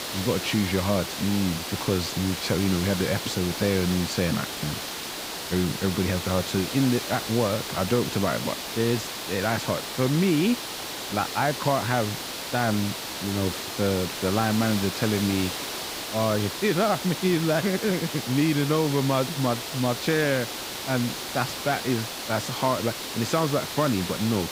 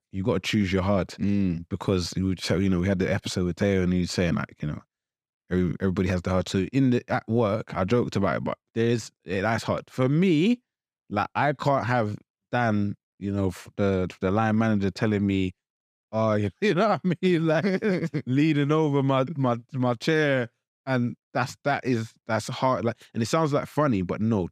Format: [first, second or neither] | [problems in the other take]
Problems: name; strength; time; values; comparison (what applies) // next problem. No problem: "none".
second | hiss; loud; throughout; 5 dB below the speech